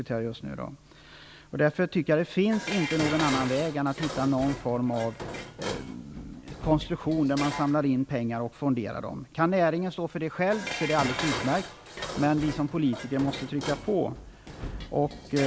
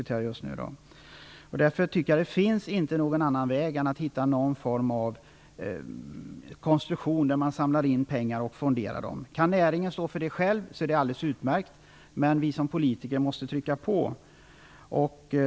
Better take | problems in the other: second | background sound (Dishes, pots, and pans); 10 dB below the speech

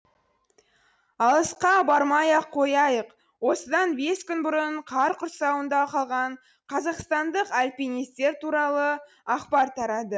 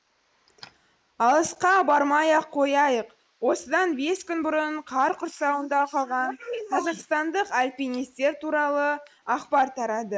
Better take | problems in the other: first | noise reduction (neural mask model Resemble Enhance denoiser)

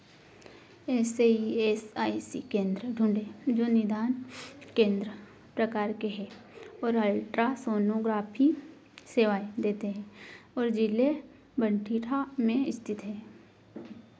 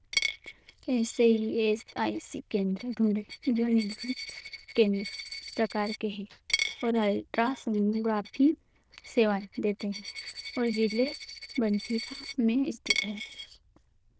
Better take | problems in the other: first | noise reduction (neural diffusion model UNIVERSE++)

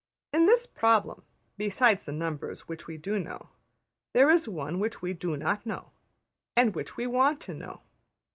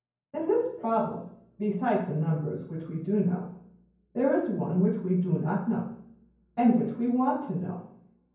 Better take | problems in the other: first | room echo; dies away in 0.9 s

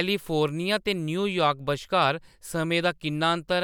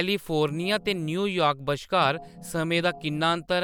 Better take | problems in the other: first | background sound (Organ); 19 dB below the speech

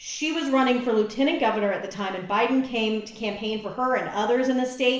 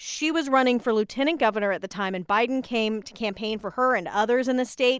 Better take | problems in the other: second | room echo; dies away in 0.8 s

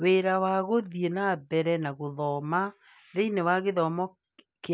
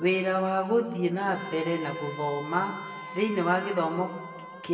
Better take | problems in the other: first | background sound (Wind instrument, woodwind instrument); 14 dB below the speech // room echo; dies away in 1.5 s

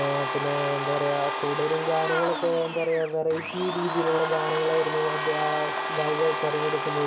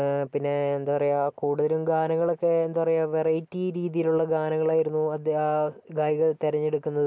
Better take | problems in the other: second | background sound (Domestic sounds, home sounds); 3 dB below the speech // room echo; dies away in 0.7 s

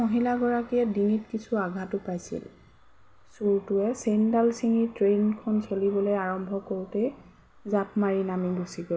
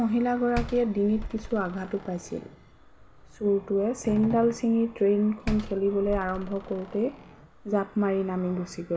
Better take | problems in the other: first | background sound (Slam); 14 dB below the speech

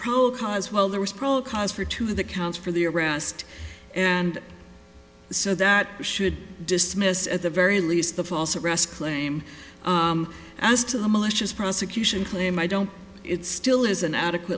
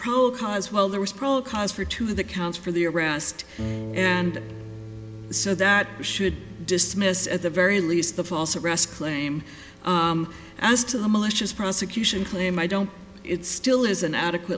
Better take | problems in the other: first | background sound (Harp); 17 dB below the speech

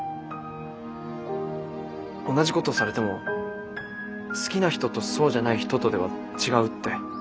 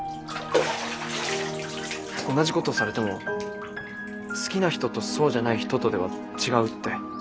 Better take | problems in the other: first | background sound (Bathtub (filling or washing)); 8 dB below the speech

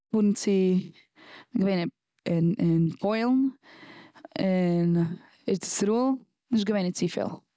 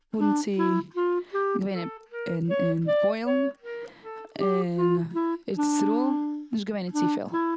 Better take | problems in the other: first | background sound (Wind instrument, woodwind instrument); 2 dB above the speech

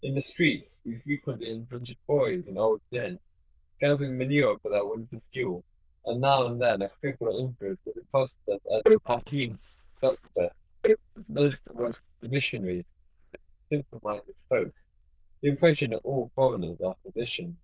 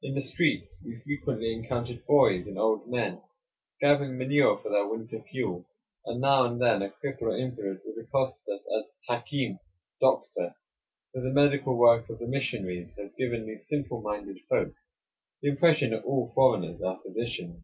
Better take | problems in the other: second | noise reduction (neural diffusion model UNIVERSE++)

